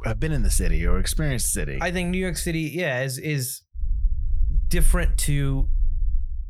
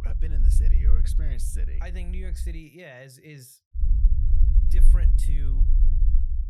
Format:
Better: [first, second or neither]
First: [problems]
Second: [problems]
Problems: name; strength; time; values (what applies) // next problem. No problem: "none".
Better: first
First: low rumble; faint; until 2.5 s and from 4 s on; 25 dB below the speech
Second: low rumble; loud; until 2.5 s and from 4 s on; 2 dB below the speech